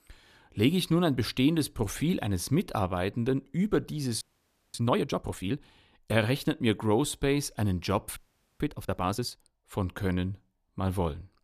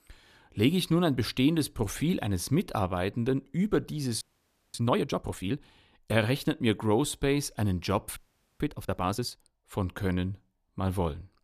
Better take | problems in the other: neither | audio freezing; at 4 s for 0.5 s and at 8 s; the same in both

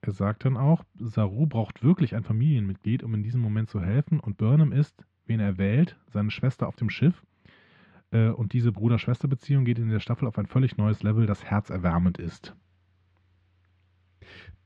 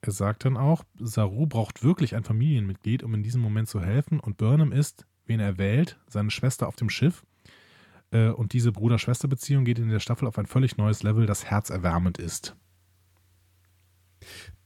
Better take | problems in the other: second | muffled; slightly; fading above 3.5 kHz

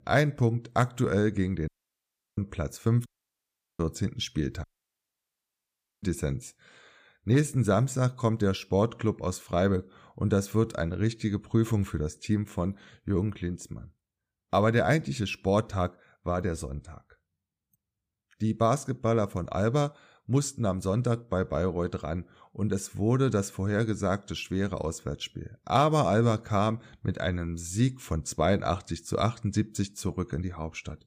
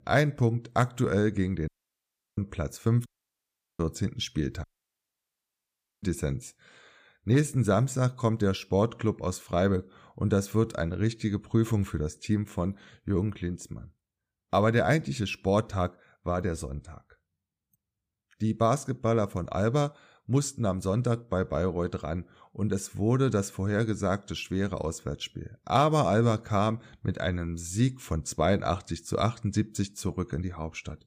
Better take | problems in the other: neither | audio cutting out; at 1.5 s for 0.5 s, at 3 s for 0.5 s and at 4.5 s for 1.5 s; the same in both

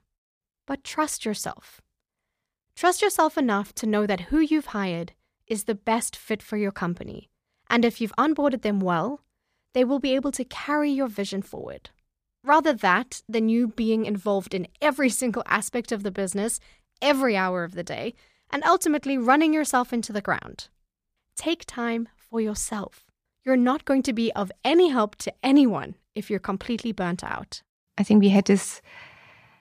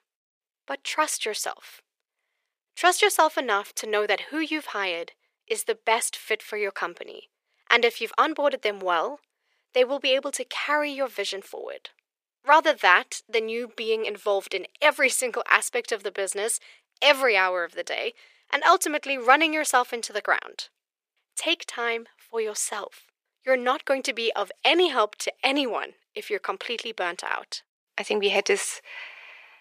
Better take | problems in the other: first | thin; very; fading below 400 Hz

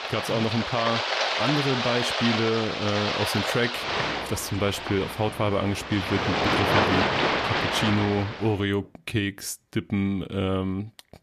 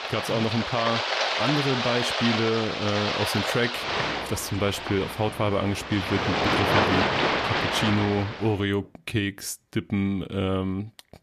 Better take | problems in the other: neither | rain or running water; very loud; until 8 s; 1 dB above the speech; the same in both

